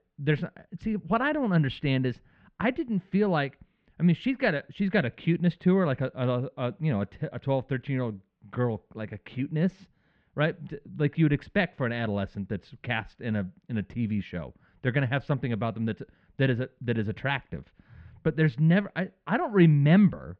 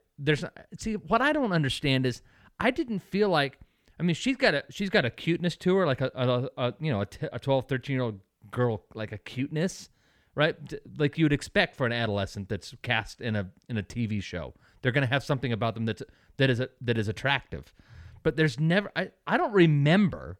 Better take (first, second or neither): second